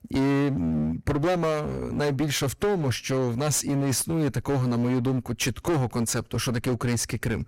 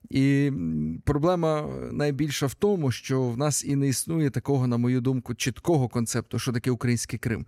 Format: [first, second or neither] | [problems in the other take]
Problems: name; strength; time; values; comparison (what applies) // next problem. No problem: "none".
second | distortion; heavy; 22% of the sound clipped